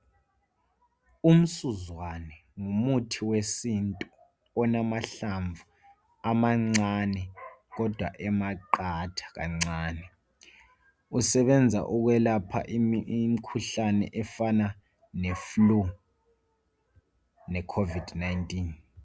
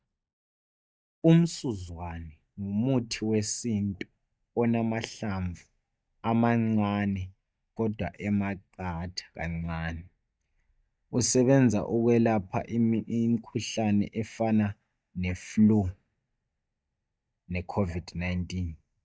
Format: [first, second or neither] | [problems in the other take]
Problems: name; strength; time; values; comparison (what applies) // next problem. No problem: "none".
first | noise reduction (neural mask model DeepFilterNet 3)